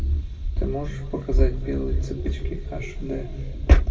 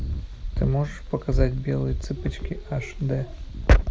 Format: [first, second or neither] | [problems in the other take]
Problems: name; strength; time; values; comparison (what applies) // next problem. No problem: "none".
second | room echo; dies away in 2.5 s